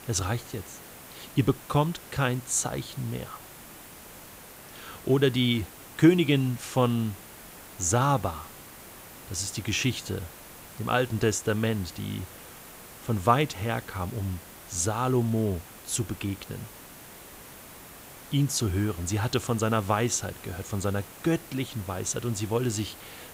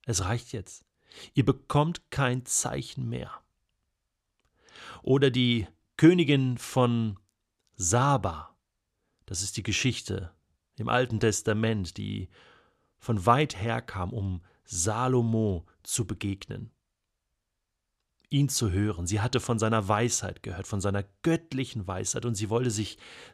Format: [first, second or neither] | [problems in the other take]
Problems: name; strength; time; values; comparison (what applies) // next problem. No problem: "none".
second | hiss; noticeable; throughout; 15 dB below the speech